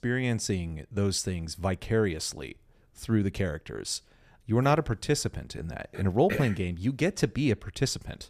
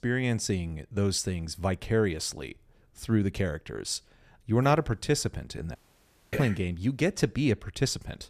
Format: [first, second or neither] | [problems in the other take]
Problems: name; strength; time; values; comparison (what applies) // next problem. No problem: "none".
first | audio cutting out; at 6 s for 0.5 s